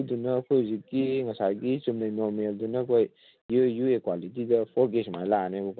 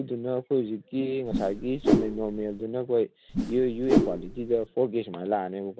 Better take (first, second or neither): first